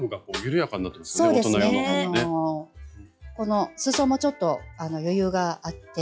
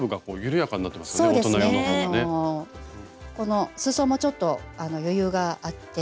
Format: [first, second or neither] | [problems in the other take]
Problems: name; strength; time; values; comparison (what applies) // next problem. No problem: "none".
second | noise reduction (classical method log-MMSE)